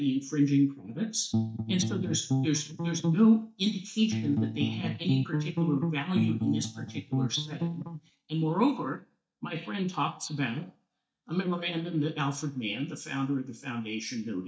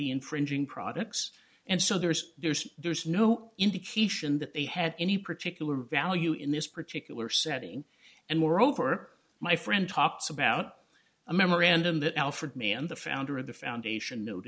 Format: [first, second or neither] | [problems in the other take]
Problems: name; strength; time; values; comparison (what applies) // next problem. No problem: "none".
second | noise reduction (neural mask model DeepFilterNet 3)